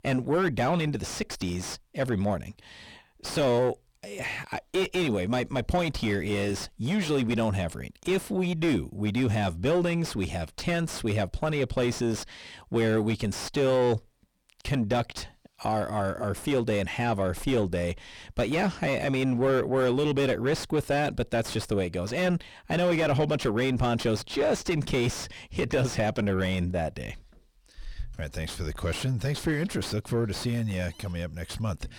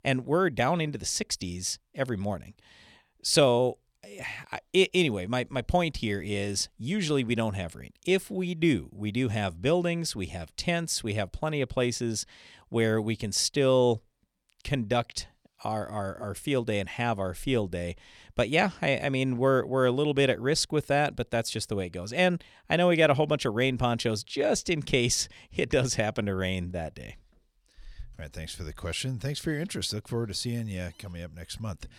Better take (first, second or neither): second